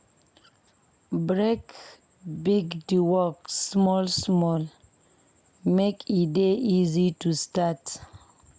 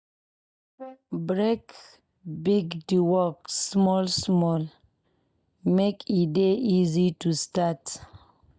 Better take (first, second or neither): first